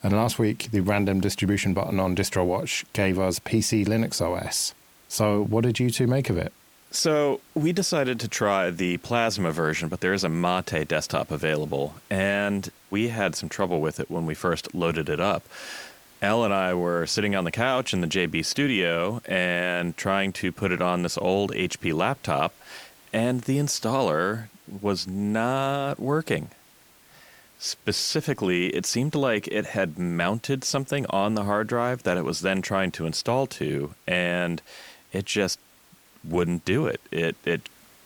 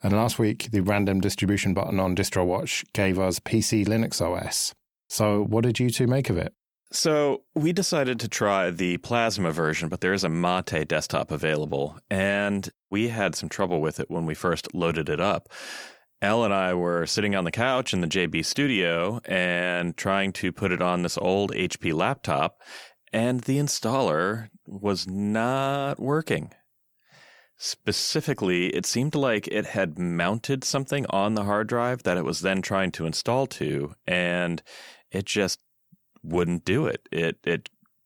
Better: second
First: hiss; faint; throughout; 30 dB below the speech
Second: none

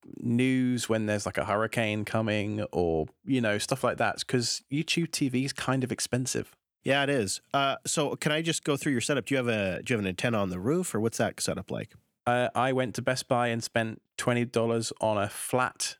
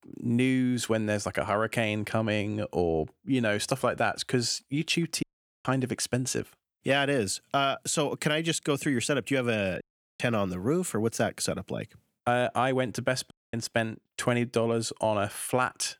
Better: first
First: none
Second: audio cutting out; at 5 s, at 10 s and at 13 s

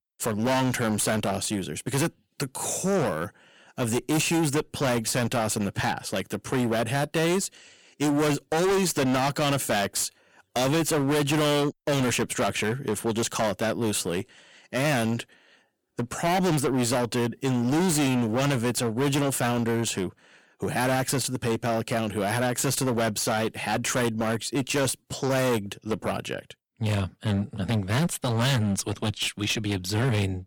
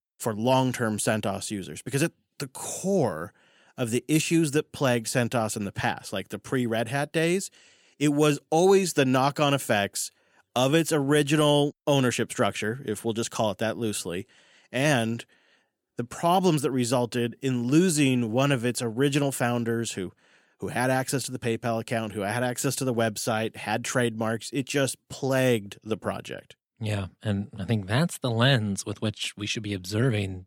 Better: second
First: distortion; heavy; 21% of the sound clipped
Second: none

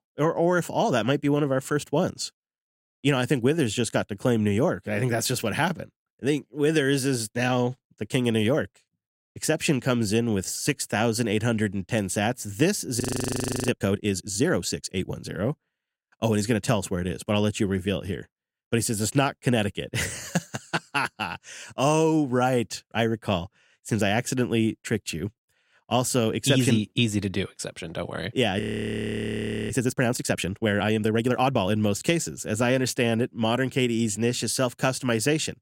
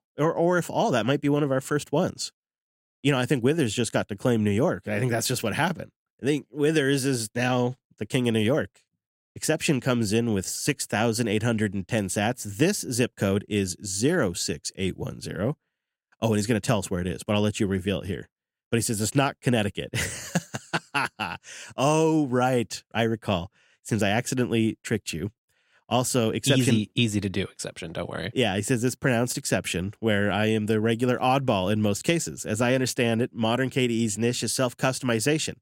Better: second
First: audio freezing; at 13 s for 0.5 s and at 29 s for 1 s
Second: none

